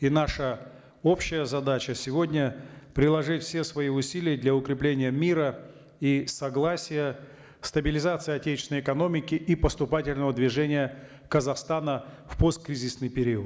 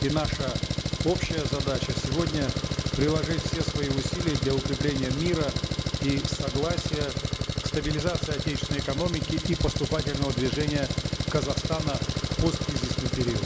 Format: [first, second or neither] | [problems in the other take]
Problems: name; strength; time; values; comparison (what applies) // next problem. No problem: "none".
first | background sound (Engine); 1 dB above the speech